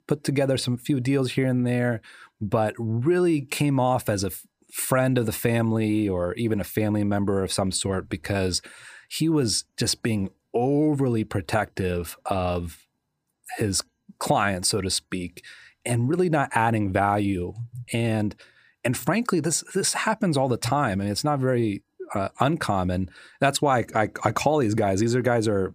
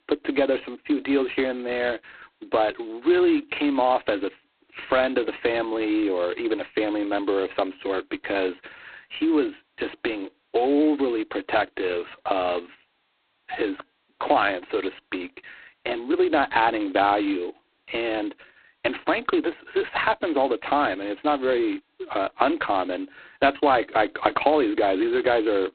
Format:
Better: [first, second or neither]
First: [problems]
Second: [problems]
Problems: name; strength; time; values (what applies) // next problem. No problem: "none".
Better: first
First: none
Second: phone-call audio; poor line; nothing above 4 kHz